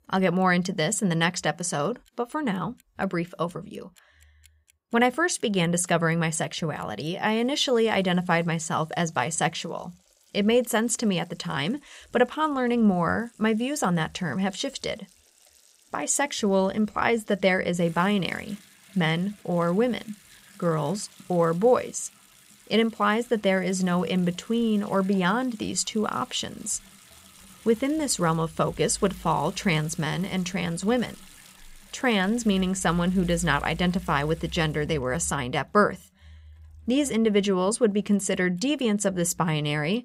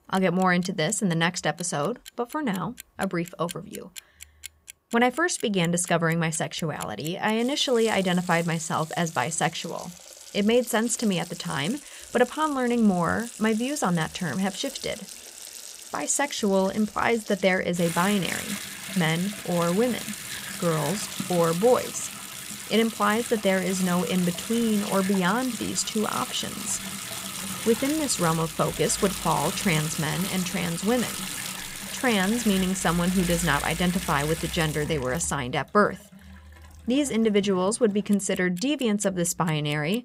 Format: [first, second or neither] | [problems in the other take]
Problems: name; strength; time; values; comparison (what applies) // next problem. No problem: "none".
first | household noises; loud; throughout; 9 dB below the speech; faint in the first